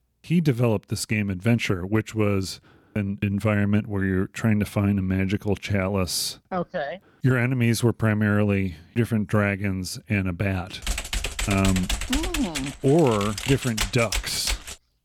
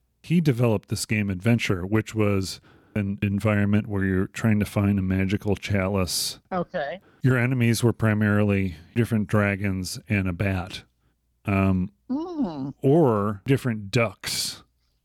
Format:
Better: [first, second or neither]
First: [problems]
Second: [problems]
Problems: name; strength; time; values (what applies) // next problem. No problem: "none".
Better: second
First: keyboard typing; noticeable; from 11 s on; peak 2 dB below the speech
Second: none